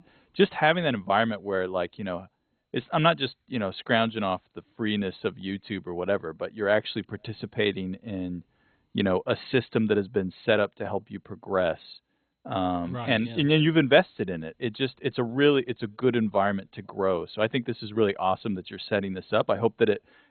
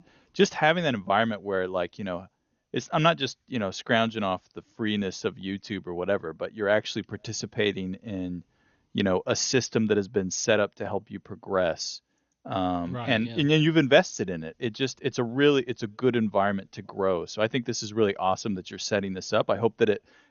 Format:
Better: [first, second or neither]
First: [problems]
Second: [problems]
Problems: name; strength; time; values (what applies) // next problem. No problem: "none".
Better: second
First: garbled, watery; badly; nothing above 4 kHz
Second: garbled, watery; slightly; nothing above 6.5 kHz